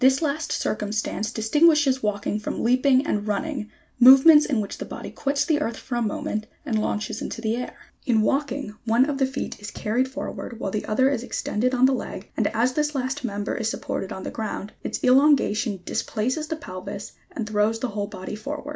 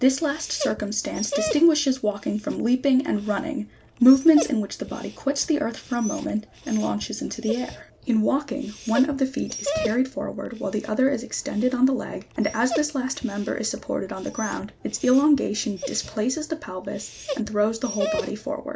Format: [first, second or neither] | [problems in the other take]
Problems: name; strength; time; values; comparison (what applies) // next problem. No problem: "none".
first | background sound (Dog); 12 dB below the speech